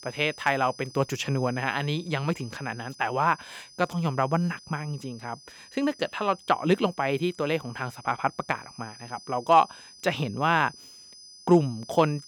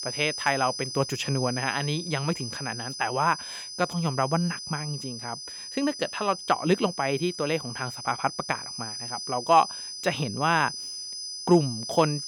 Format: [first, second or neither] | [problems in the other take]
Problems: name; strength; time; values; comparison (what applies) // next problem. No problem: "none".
first | high-pitched whine; loud; throughout; 5 kHz, 7 dB below the speech; faint in the first